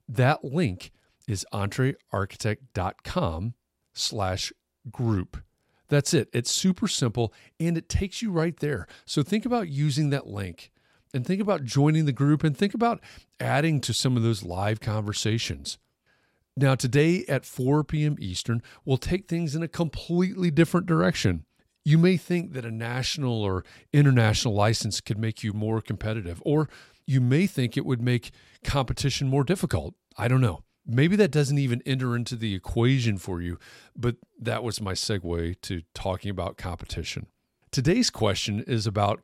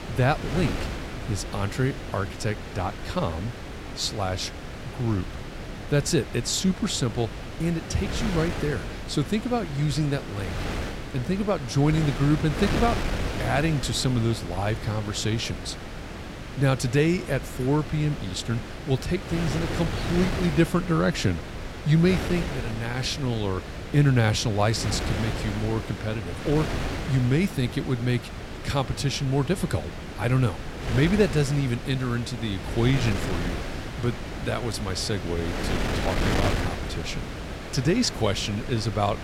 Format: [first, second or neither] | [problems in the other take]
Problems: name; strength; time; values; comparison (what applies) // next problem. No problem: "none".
first | wind noise on the microphone; heavy; 6 dB below the speech